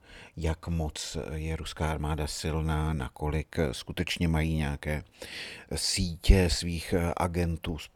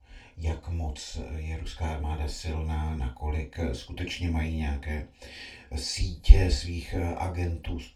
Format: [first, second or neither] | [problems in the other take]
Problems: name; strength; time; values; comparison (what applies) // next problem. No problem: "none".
first | room echo; slight; dies away in 0.2 s // off-mic speech; far